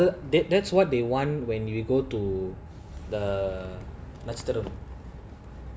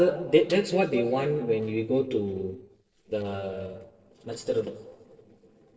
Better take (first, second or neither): first